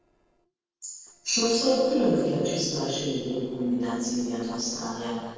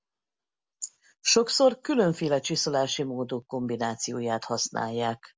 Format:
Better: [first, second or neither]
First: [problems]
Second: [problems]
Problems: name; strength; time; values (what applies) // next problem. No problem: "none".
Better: second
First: noise reduction (neural separator model SepFormer DNS4)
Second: none